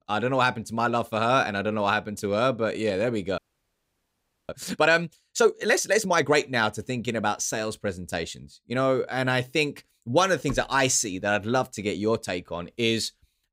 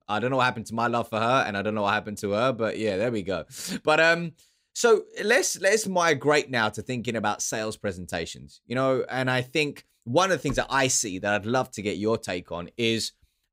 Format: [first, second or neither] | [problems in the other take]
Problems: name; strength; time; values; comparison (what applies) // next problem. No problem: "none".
second | audio freezing; at 3.5 s for 1 s